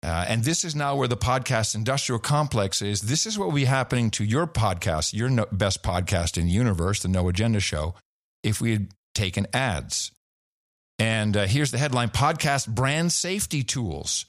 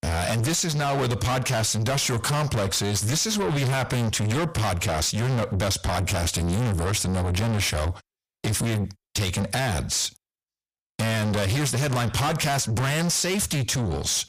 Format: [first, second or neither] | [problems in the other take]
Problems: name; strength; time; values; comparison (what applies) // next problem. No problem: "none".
first | distortion; heavy; 5 dB below the speech